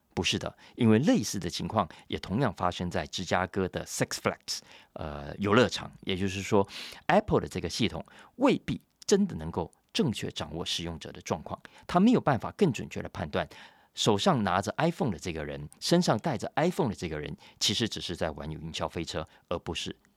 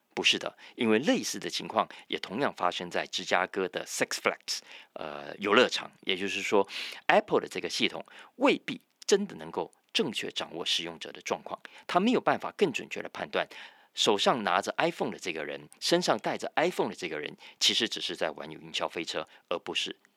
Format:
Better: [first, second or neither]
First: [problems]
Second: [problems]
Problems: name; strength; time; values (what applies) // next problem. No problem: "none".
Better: first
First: none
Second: thin; very slightly; fading below 350 Hz